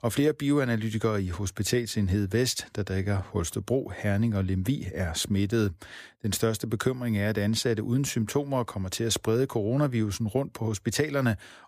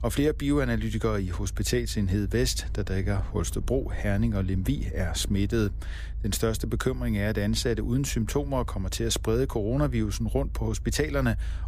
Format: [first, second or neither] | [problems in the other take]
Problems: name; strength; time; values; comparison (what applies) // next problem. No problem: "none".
first | low rumble; faint; throughout; 25 dB below the speech